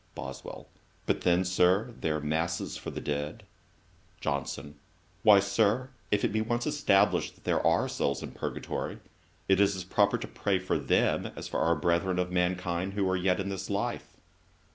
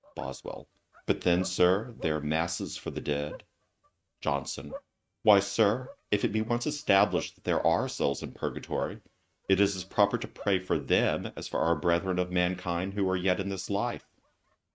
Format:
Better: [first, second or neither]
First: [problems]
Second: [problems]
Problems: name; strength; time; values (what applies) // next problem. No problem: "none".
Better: first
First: none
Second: noise reduction (neural mask model RNNoise)